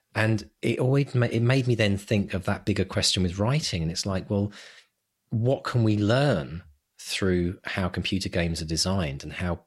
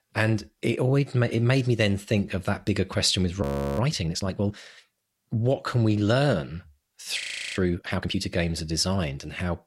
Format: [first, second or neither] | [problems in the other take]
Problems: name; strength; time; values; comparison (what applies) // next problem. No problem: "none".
first | audio freezing; at 3.5 s and at 7 s